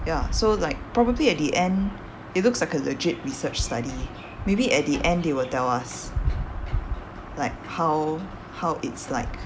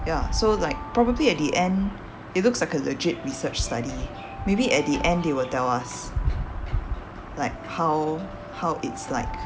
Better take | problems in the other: first | background sound (Alarm); 17 dB below the speech

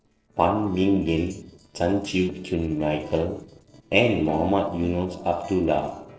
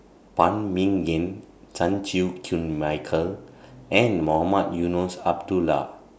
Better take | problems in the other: second | noise reduction (neural separator model SepFormer DNS4)

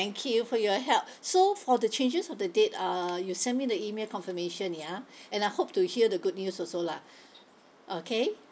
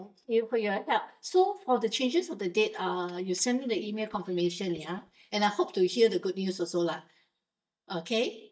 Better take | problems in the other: first | noise reduction (neural mask model DeepFilterNet 3)

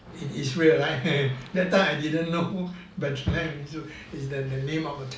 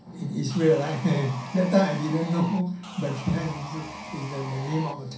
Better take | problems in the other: first | background sound (Sawing); 13 dB below the speech // room echo; dies away in 0.3 s

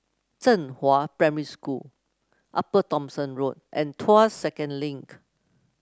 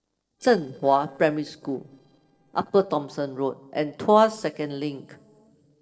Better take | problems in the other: first | noise reduction (neural separator model SepFormer DNS4)

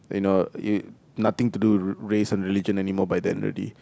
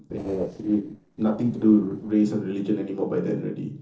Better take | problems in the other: first | noise reduction (neural separator model SepFormer DNS4)

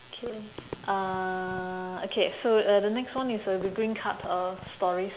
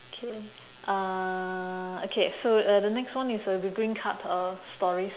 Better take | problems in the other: second | background sound (Fireworks); 19 dB below the speech

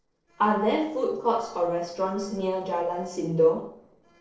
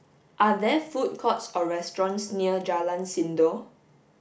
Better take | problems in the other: second | noise reduction (neural separator model SepFormer DNS4)

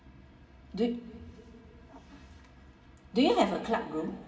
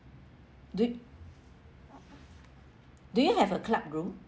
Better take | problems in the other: second | room echo; dies away in 2.6 s

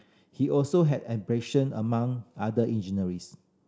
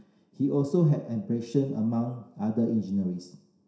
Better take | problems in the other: first | room echo; dies away in 0.7 s

